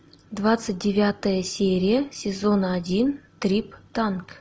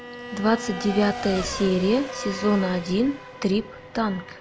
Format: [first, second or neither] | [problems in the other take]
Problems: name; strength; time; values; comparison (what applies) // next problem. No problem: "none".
first | background sound (Race car, auto racing / Accelerating, revving, vroom + Bowed string instrument); 10 dB below the speech